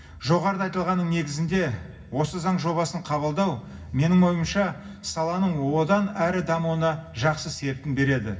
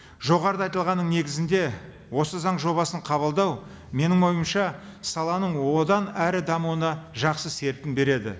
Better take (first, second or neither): second